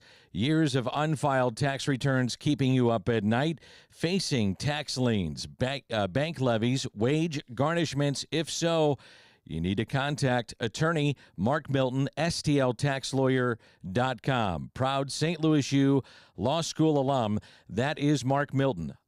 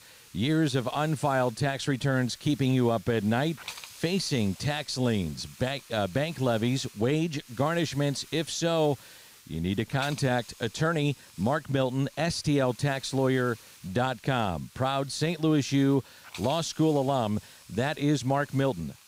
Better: first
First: none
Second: hiss; noticeable; throughout; 20 dB below the speech

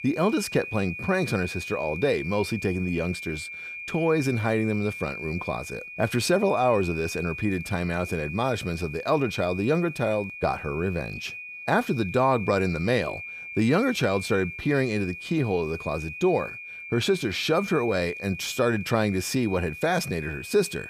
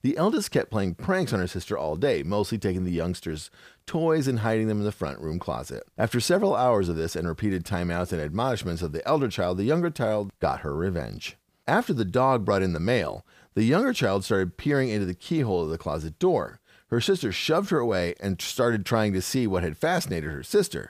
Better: second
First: high-pitched whine; loud; throughout; 2.5 kHz, 9 dB below the speech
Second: none

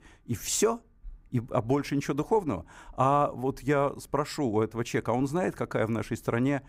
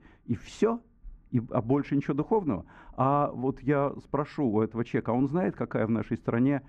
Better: first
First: none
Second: muffled; very; fading above 2.5 kHz

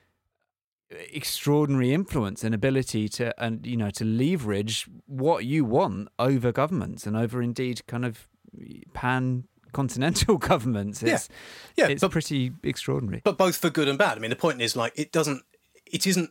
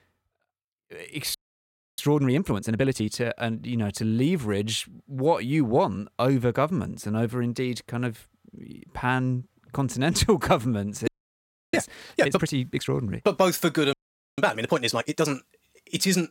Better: first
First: none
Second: audio freezing; at 1.5 s for 0.5 s, at 11 s for 0.5 s and at 14 s

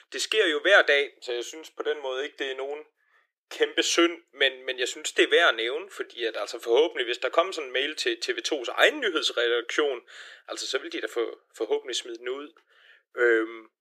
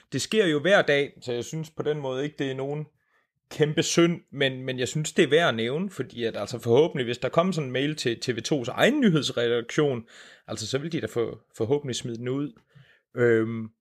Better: second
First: thin; very; fading below 350 Hz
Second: none

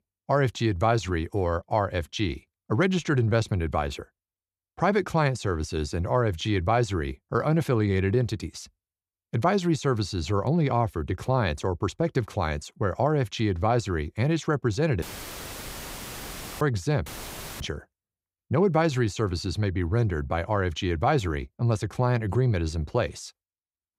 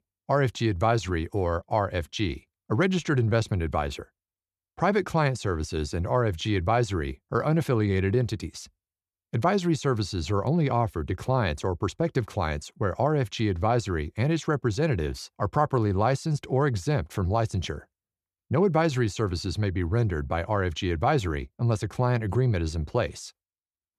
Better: second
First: audio cutting out; filled with static; at 15 s for 1.5 s and at 17 s for 0.5 s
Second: none

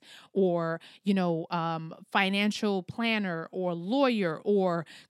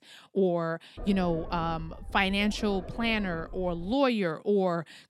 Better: first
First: none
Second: low rumble; noticeable; from 1 to 4 s; 20 dB below the speech

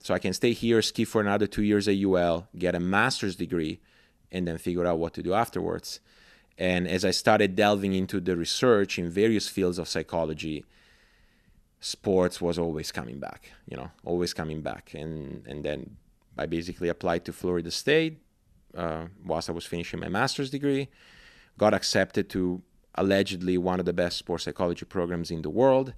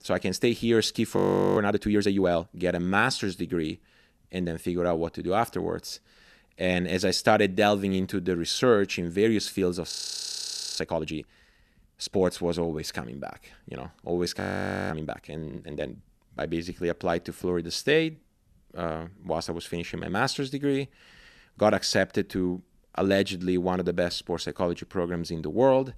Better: first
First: none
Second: audio freezing; at 1 s, at 10 s for 1 s and at 14 s for 0.5 s

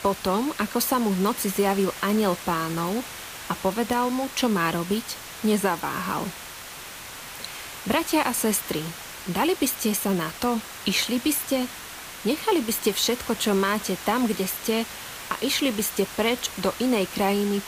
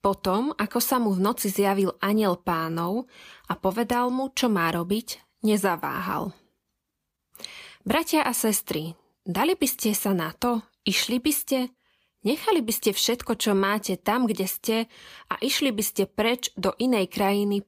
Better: second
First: hiss; noticeable; throughout; 10 dB below the speech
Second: none

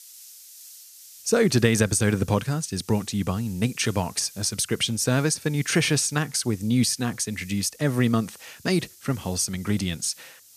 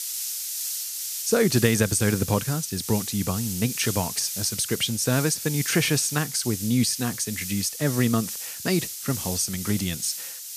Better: first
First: hiss; faint; throughout; 20 dB below the speech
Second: hiss; loud; throughout; 5 dB below the speech

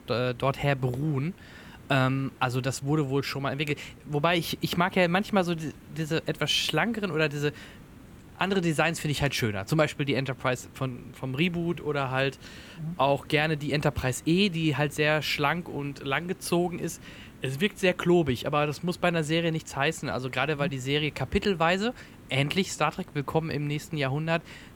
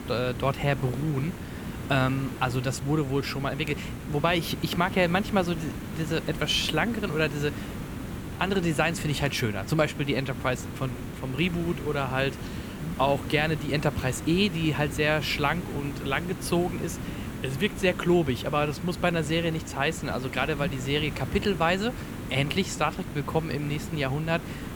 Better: first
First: hiss; faint; throughout; 20 dB below the speech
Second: hiss; loud; throughout; 9 dB below the speech

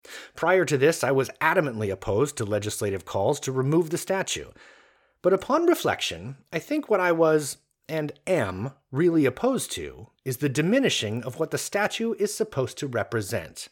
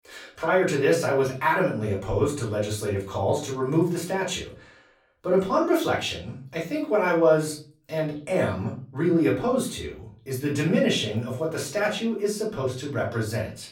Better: first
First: none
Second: off-mic speech; far // room echo; slight; dies away in 0.4 s

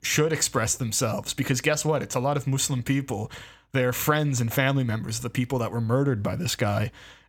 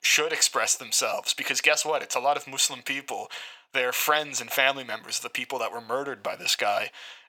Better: first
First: none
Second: thin; very; fading below 700 Hz

